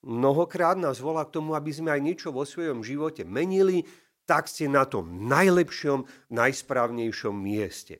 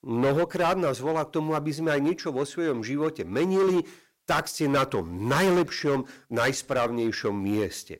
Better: first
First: none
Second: distortion; heavy; 10% of the sound clipped

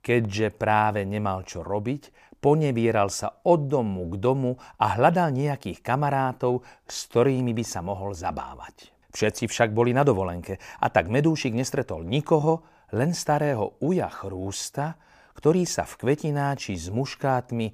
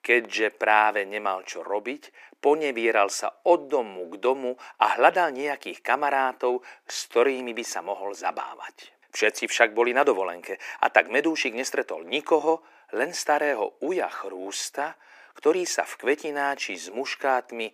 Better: first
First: none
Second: thin; very; fading below 300 Hz

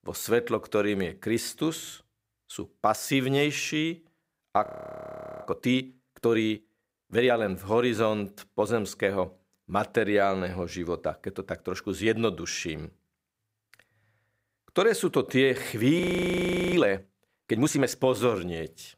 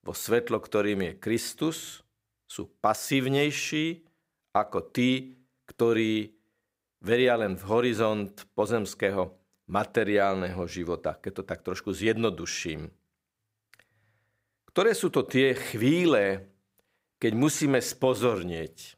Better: second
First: audio freezing; at 4.5 s for 1 s and at 16 s for 0.5 s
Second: none

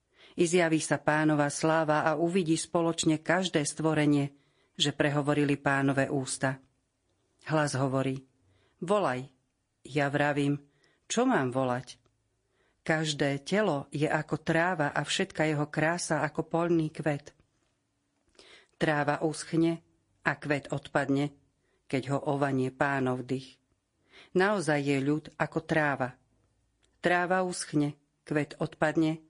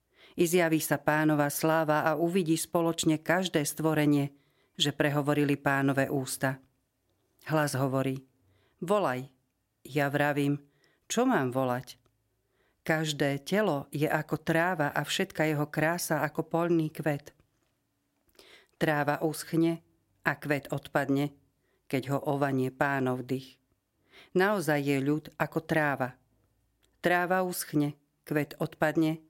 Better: second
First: garbled, watery; slightly; nothing above 10.5 kHz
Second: none

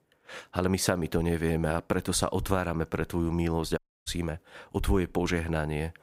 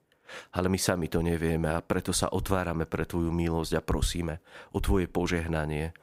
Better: second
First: audio cutting out; at 4 s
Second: none

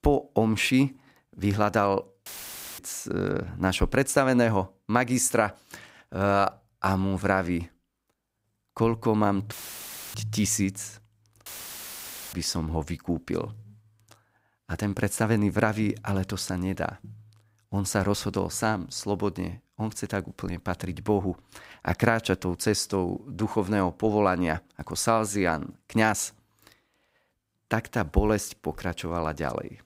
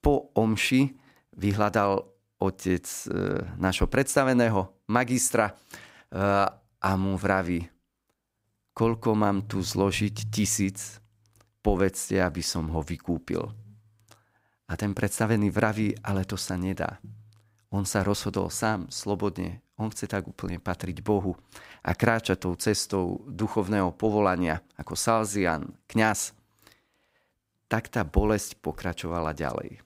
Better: second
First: audio cutting out; filled with static; at 2.5 s for 0.5 s, at 9.5 s for 0.5 s and at 11 s for 1 s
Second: none

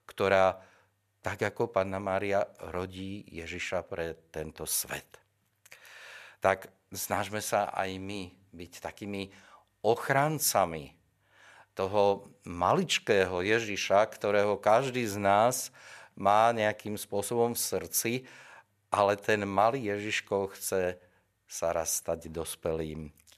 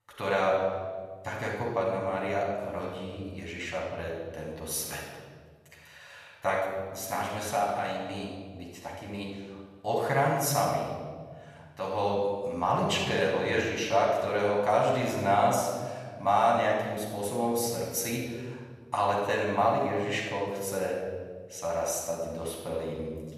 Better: first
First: none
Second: off-mic speech; far // room echo; noticeable; dies away in 1.6 s

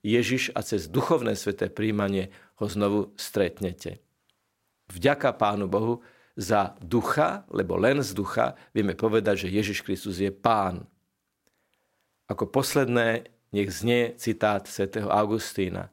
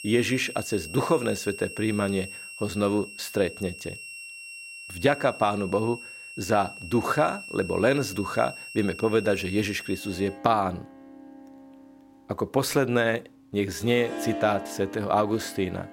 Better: first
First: none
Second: background music; noticeable; throughout; 10 dB below the speech

